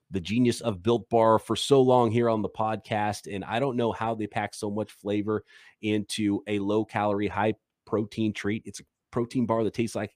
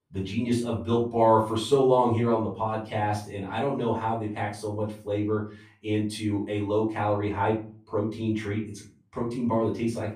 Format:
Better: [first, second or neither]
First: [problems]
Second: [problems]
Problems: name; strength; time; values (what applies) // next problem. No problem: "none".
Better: first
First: none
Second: off-mic speech; far // room echo; slight; dies away in 0.4 s